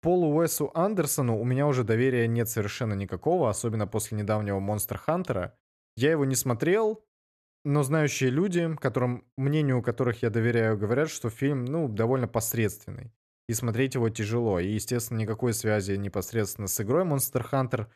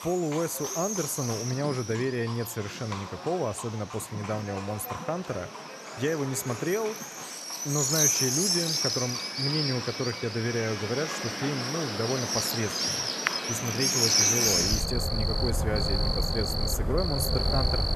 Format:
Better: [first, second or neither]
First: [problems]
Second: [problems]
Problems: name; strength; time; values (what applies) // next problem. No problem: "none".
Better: first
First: none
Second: animal sounds; very loud; throughout; 4 dB above the speech